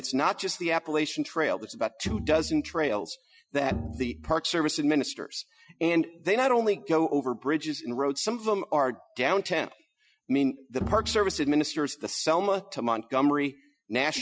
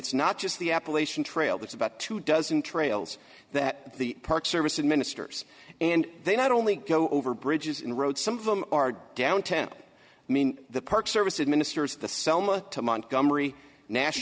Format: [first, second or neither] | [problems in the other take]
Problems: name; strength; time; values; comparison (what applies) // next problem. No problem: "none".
second | noise reduction (classical method Wiener filter)